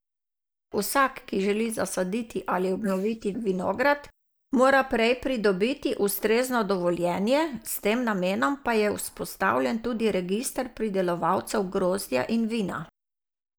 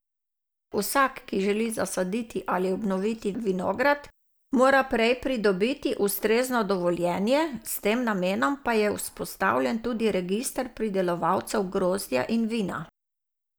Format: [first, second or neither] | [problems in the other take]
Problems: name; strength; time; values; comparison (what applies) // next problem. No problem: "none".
second | noise reduction (neural mask model Resemble Enhance denoiser)